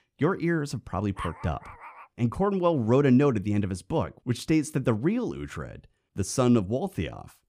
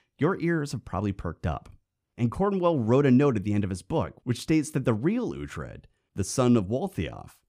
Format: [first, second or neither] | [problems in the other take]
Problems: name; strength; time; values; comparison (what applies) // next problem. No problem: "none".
second | dog barking; faint; at 1 s; peak 10 dB below the speech